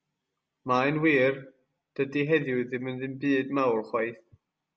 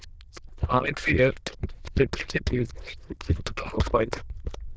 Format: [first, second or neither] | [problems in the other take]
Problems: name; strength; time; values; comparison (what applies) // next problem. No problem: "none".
first | noise reduction (neural diffusion model UNIVERSE++)